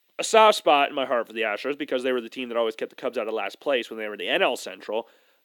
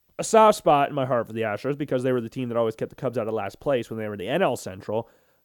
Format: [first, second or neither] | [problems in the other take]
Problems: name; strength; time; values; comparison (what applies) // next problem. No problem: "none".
second | thin; very slightly; fading below 250 Hz